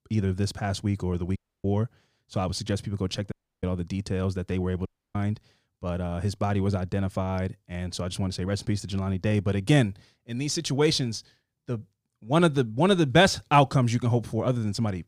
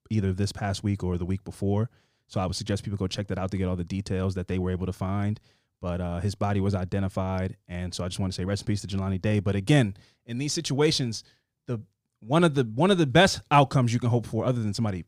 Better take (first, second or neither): second